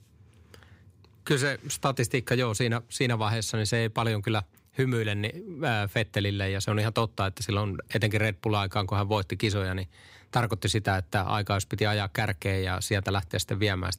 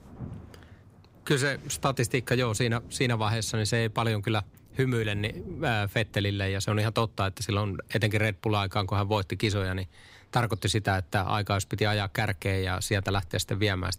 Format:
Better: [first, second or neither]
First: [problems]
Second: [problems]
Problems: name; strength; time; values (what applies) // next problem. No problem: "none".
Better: first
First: none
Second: rain or running water; faint; throughout; 20 dB below the speech